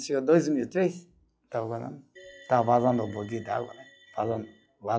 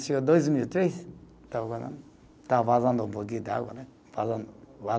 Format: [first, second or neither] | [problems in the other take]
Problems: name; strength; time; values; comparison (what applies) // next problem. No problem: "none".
second | noise reduction (classical method log-MMSE)